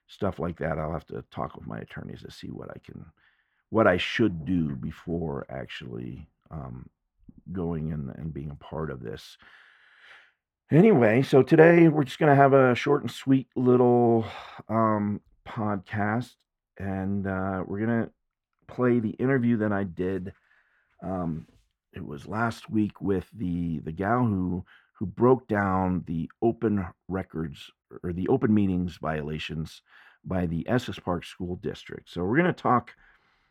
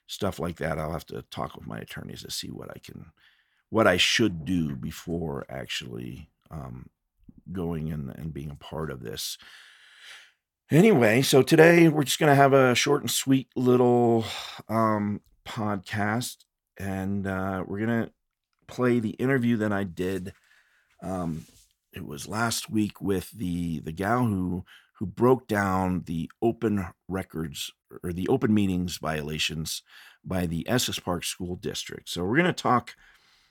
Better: second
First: muffled; very; fading above 3.5 kHz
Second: none

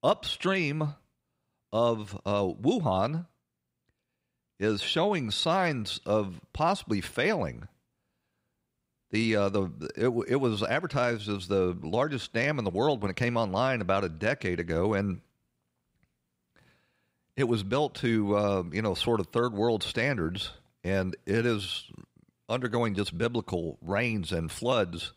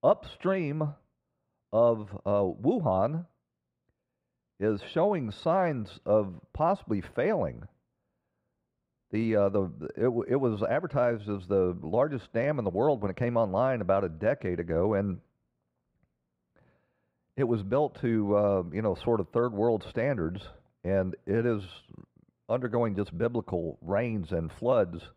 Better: first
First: none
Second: muffled; very; fading above 2.5 kHz

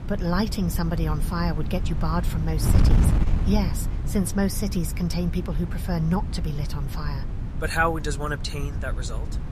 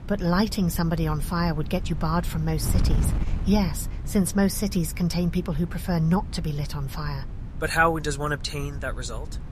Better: second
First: wind noise on the microphone; heavy; 9 dB below the speech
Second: wind noise on the microphone; occasional gusts; 15 dB below the speech

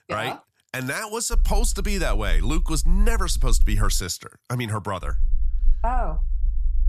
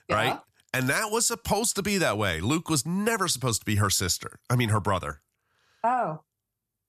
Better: second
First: low rumble; faint; from 1.5 to 4 s and from 5 s on; 25 dB below the speech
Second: none

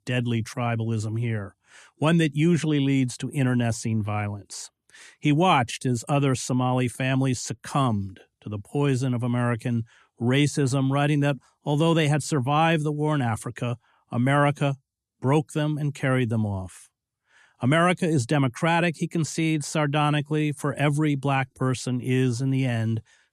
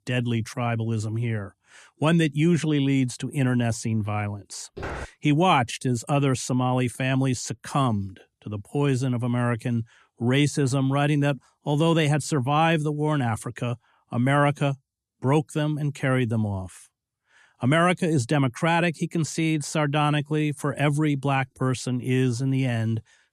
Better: first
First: none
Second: footsteps; faint; at 5 s; peak 10 dB below the speech

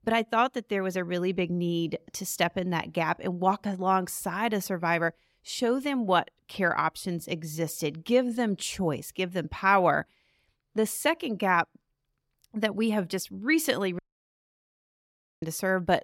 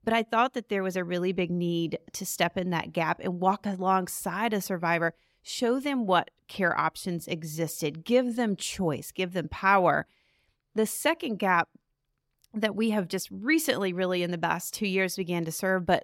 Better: second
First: audio cutting out; at 14 s for 1.5 s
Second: none

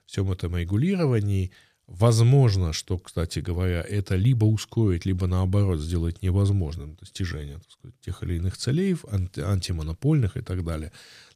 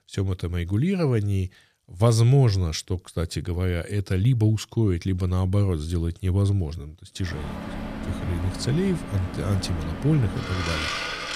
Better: first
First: none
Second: household noises; loud; from 7.5 s on; 7 dB below the speech

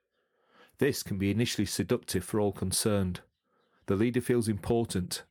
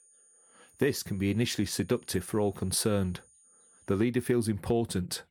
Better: first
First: none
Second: high-pitched whine; faint; until 4 s; 9 kHz, 30 dB below the speech

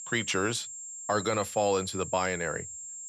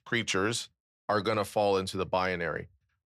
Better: second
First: high-pitched whine; loud; throughout; 7.5 kHz, 9 dB below the speech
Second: none

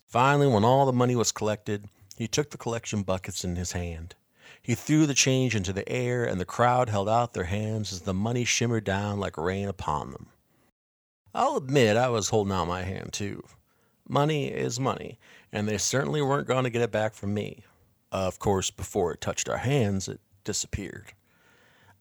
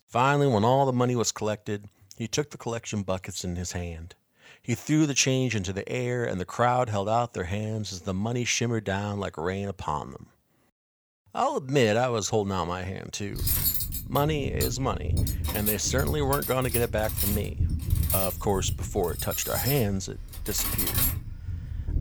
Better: first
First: none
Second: clattering dishes; loud; from 13 s on; peak 5 dB above the speech

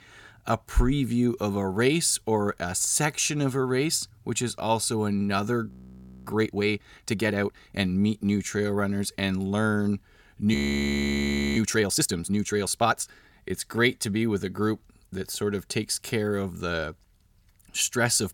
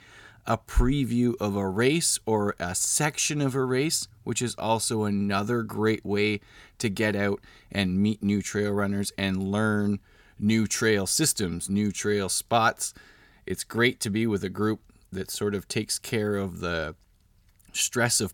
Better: second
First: audio freezing; at 5.5 s for 0.5 s and at 11 s for 1 s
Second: none

